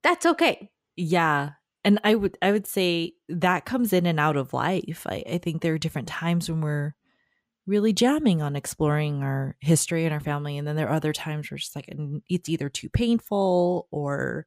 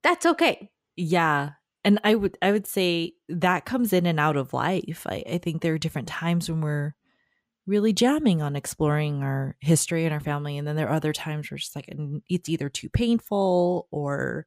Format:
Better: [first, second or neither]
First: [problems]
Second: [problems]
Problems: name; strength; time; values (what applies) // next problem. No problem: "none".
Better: neither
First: none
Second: none